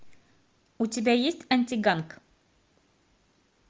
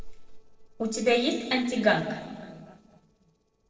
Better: first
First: none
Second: noise reduction (neural separator model SepFormer DNS4)

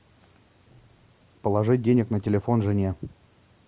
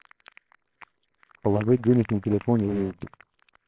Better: first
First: none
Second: noise reduction (neural separator model SepFormer WHAMR!)

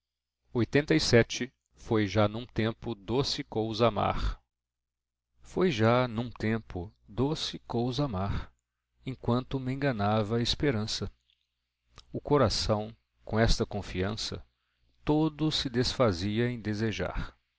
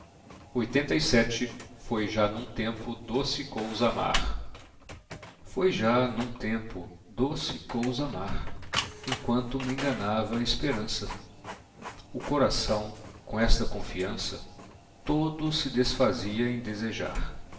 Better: first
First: none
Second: background sound (Printer); 14 dB below the speech // room echo; dies away in 0.8 s

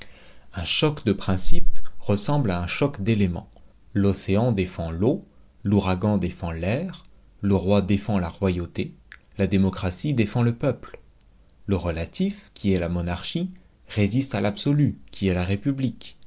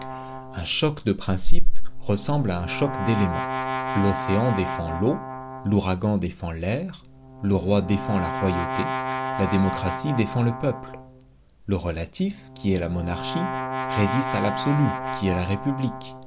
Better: first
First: none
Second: background sound (Brass instrument); 9 dB below the speech

